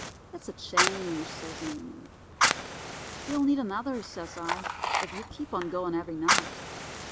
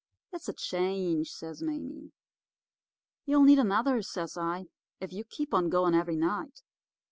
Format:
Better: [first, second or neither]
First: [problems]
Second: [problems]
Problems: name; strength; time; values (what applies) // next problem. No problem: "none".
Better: second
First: background sound (Fire); 2 dB above the speech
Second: none